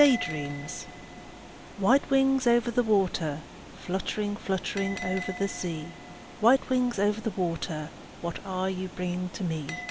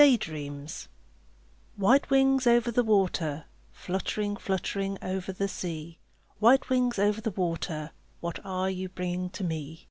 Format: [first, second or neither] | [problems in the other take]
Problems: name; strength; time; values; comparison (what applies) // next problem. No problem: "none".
second | background sound (Bell + Water); 14 dB below the speech